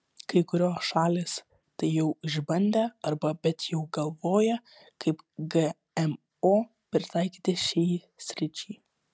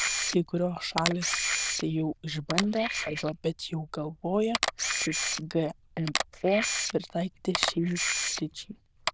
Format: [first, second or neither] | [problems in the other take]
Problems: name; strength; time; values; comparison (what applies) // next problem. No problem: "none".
first | noise reduction (neural diffusion model UNIVERSE++)